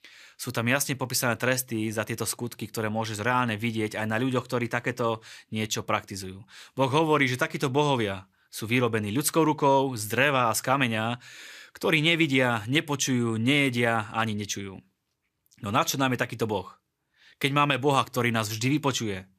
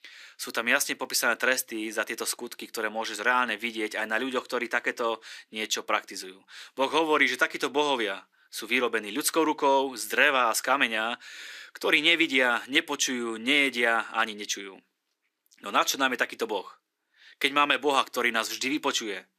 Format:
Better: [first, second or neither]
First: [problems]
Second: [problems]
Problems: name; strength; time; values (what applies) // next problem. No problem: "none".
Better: first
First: none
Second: thin; somewhat; fading below 300 Hz